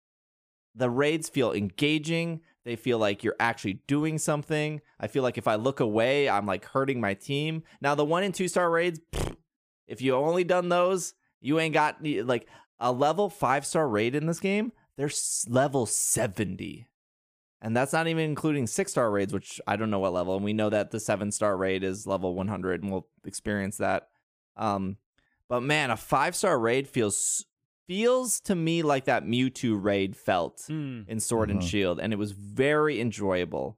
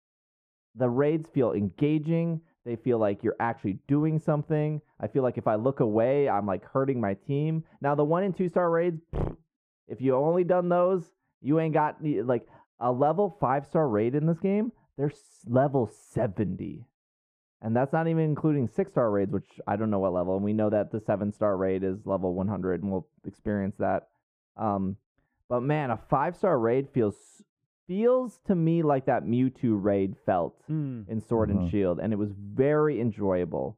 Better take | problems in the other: first | muffled; very; fading above 2.5 kHz

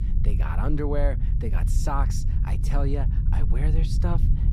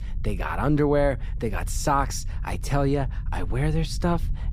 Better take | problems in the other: second | low rumble; loud; throughout; 8 dB below the speech; faint in the second

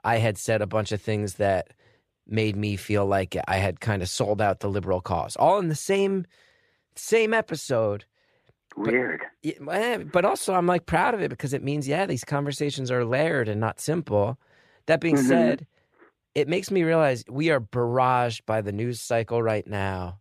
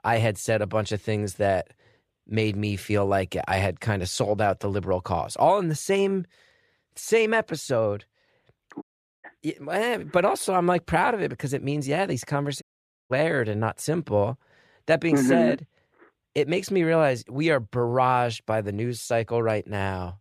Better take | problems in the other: first | audio cutting out; at 9 s and at 13 s

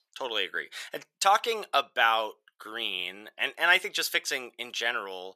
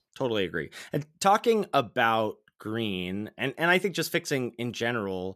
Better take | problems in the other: second | thin; very; fading below 750 Hz

